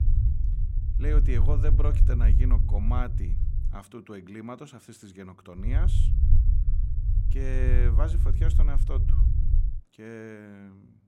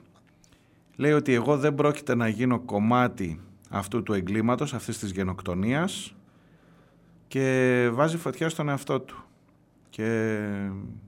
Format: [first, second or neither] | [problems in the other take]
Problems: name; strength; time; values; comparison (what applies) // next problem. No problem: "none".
second | low rumble; loud; until 3.5 s and from 5.5 to 9.5 s; 4 dB below the speech